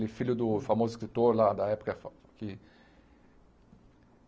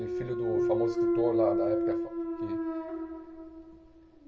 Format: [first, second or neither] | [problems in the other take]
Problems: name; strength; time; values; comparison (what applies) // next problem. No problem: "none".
first | background sound (Thump, thud); 5 dB above the speech // room echo; dies away in 0.2 s